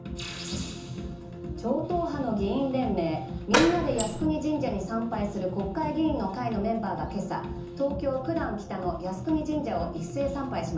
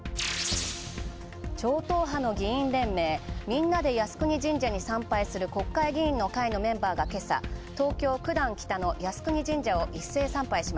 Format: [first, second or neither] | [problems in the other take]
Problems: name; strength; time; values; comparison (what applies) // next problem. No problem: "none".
second | background sound (Door); 2 dB above the speech // room echo; dies away in 0.6 s